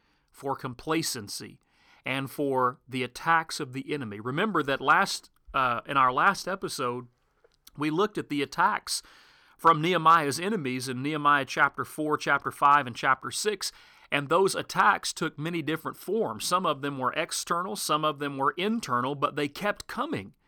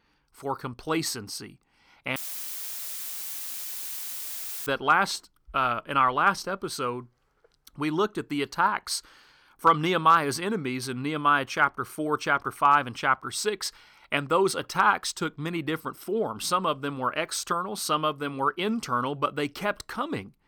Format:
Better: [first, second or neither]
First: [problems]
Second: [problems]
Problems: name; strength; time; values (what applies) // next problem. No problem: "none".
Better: first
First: none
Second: audio cutting out; filled with static; at 2 s for 2.5 s